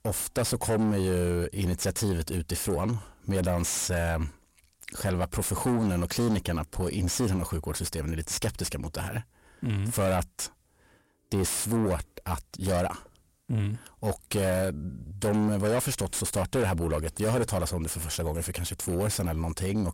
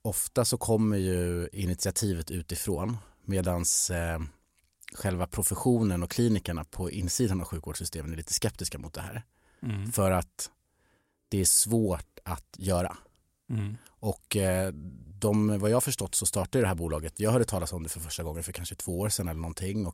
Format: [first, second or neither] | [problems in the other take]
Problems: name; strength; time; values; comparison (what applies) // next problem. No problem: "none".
second | distortion; heavy; 6 dB below the speech